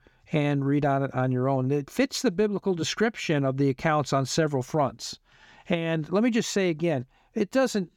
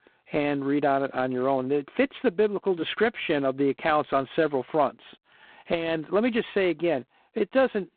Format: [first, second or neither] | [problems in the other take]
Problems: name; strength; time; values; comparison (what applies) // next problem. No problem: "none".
first | phone-call audio; poor line; nothing above 3.5 kHz